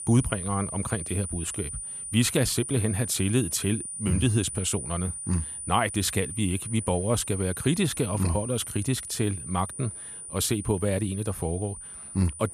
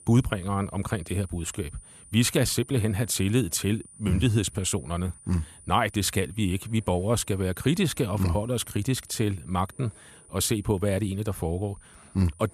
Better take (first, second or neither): second